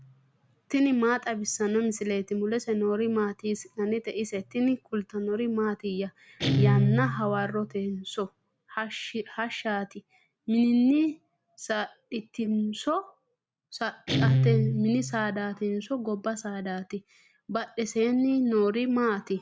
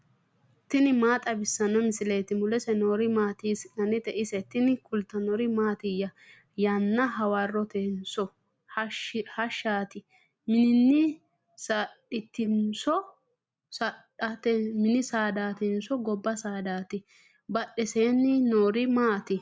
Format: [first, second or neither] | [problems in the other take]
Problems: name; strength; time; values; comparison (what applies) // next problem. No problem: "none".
second | background sound (Guitar); 5 dB below the speech